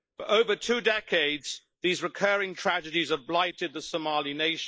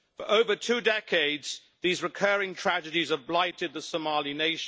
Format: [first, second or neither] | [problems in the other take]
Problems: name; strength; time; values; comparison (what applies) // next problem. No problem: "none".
second | noise reduction (neural mask model Resemble Enhance denoiser)